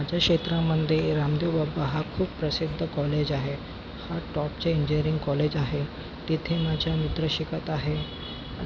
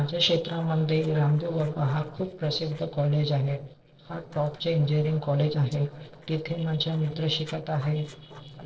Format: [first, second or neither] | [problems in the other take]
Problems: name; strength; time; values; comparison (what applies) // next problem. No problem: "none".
first | noise reduction (neural separator model SepFormer DNS4)